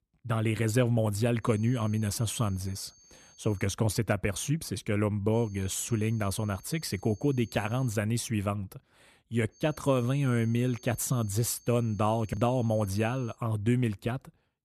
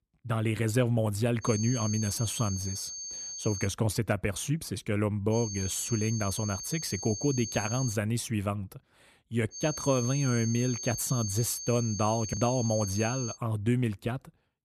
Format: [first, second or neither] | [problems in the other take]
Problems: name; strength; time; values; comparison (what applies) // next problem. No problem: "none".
first | high-pitched whine; loud; from 1.5 to 3.5 s, from 5.5 to 8 s and from 9.5 to 13 s; 6.5 kHz, 6 dB below the speech; faint in the first